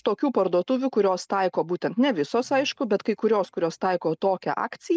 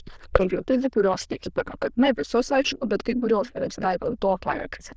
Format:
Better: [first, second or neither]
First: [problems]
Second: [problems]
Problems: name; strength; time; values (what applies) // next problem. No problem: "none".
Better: first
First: none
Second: noise reduction (neural diffusion model UNIVERSE++)